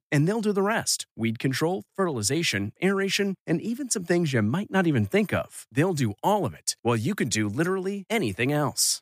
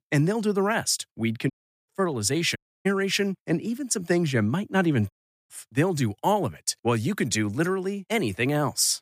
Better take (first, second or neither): first